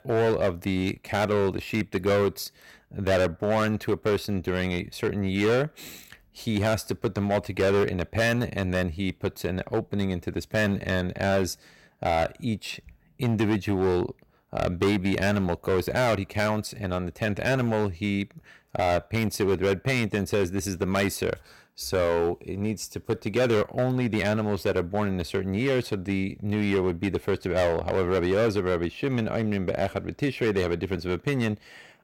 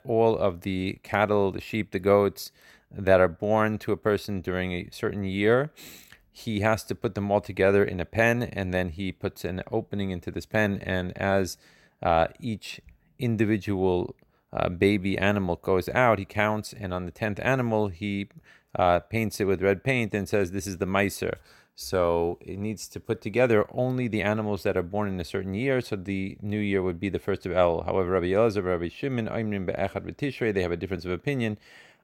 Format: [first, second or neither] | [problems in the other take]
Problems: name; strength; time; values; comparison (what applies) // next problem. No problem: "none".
second | distortion; heavy; 9% of the sound clipped